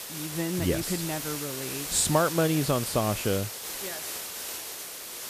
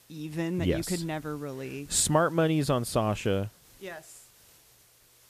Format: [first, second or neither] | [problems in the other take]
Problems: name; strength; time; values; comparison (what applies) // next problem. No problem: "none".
second | hiss; loud; throughout; 6 dB below the speech; faint in the second